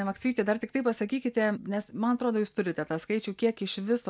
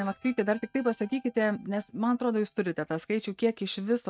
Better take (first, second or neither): first